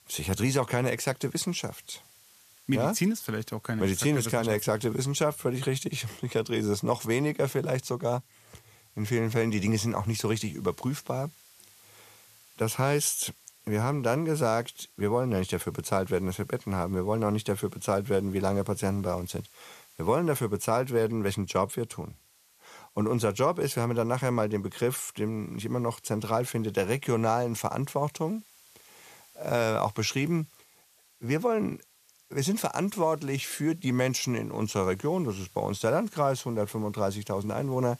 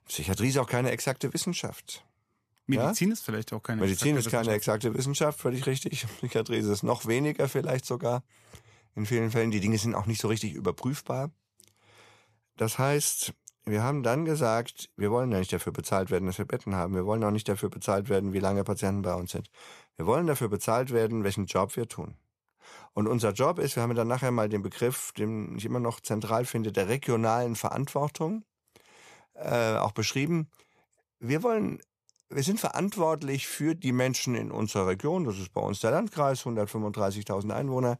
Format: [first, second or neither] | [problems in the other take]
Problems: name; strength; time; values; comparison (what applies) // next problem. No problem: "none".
second | hiss; faint; throughout; 25 dB below the speech